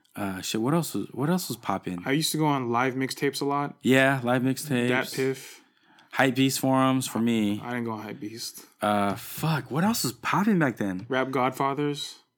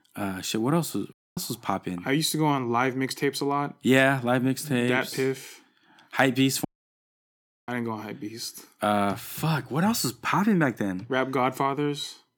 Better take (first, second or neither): first